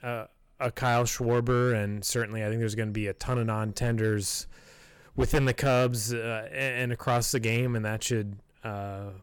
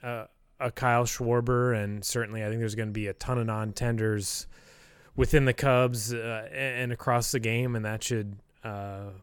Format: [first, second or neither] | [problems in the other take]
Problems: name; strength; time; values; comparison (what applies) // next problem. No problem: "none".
second | distortion; slight; 4% of the sound clipped